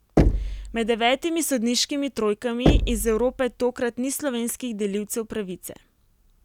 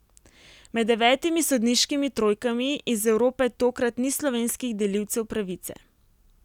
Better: second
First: background sound (Knock); as loud as the speech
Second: none

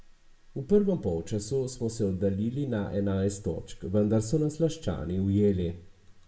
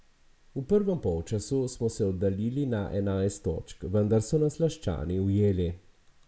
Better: second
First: room echo; dies away in 0.4 s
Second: none

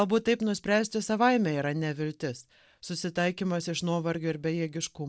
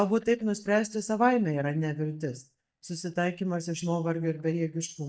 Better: first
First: none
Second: noise reduction (neural mask model DeepFilterNet 3)

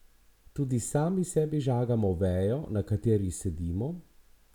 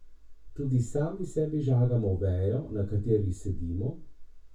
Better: first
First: none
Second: room echo; dies away in 0.2 s

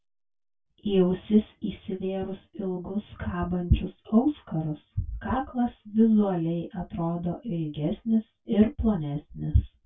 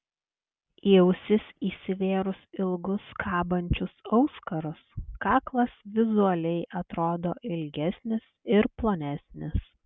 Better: second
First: room echo; dies away in 0.1 s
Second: none

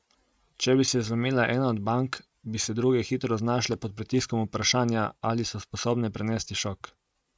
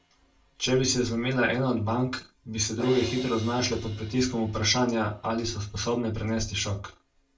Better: first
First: none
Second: background sound (Crash cymbal); 19 dB below the speech // room echo; dies away in 0.3 s

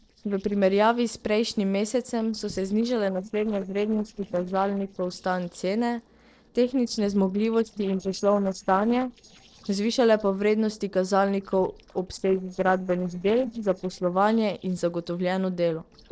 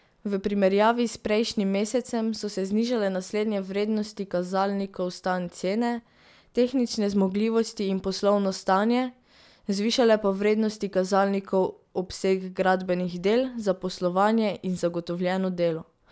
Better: second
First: noise reduction (neural separator model SepFormer DNS4)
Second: none

